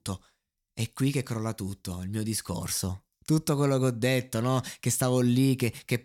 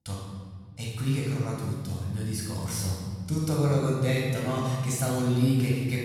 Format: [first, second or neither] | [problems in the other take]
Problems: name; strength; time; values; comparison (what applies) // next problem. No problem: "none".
first | off-mic speech; far // room echo; strong; dies away in 2.3 s